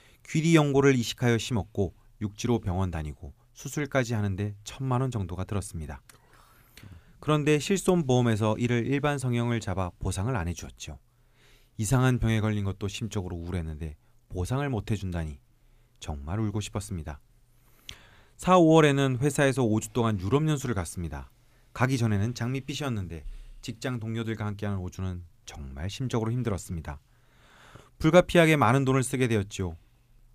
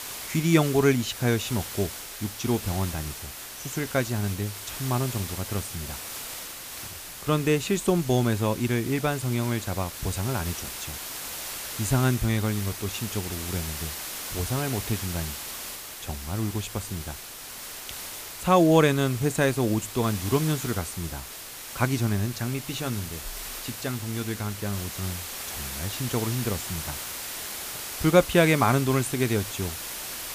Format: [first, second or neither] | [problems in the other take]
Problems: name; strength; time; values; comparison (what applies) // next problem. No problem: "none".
first | hiss; loud; throughout; 8 dB below the speech